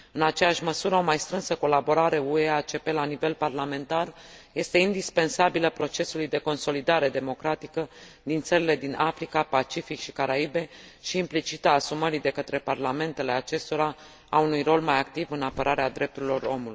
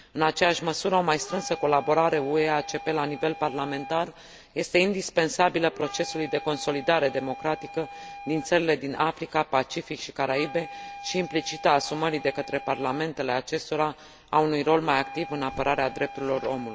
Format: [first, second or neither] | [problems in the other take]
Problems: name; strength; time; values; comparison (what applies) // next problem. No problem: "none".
first | background sound (Wind instrument, woodwind instrument); 16 dB below the speech